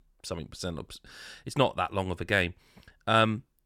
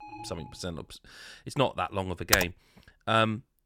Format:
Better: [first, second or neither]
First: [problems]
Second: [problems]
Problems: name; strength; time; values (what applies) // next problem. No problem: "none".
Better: first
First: none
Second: alarm; faint; at the start; peak 15 dB below the speech // keyboard typing; loud; at 2.5 s; peak 4 dB above the speech